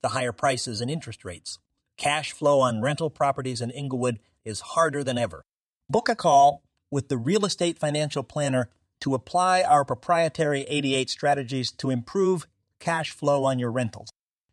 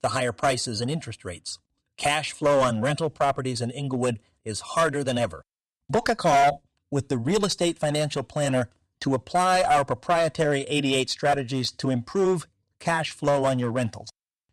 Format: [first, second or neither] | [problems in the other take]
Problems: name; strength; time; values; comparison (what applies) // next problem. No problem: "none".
first | distortion; slight; 6% of the sound clipped